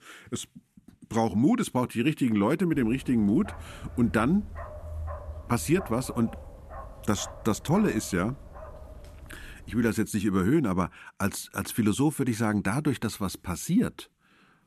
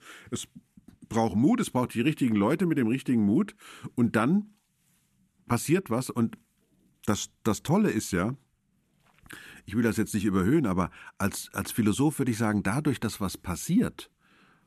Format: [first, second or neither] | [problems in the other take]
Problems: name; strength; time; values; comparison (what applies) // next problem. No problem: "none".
second | dog barking; faint; from 2.5 to 10 s; peak 10 dB below the speech